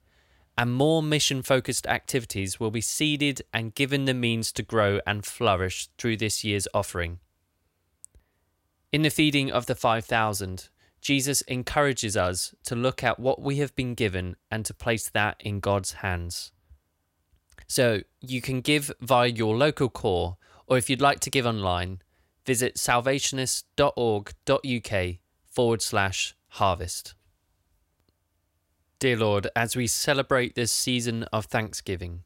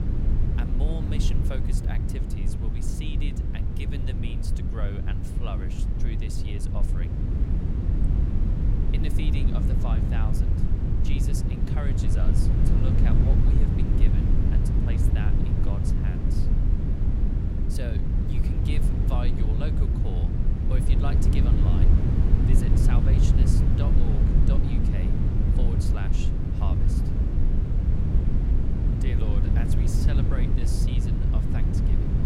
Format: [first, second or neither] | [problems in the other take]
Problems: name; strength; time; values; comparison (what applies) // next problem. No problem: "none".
first | wind noise on the microphone; heavy; 4 dB above the speech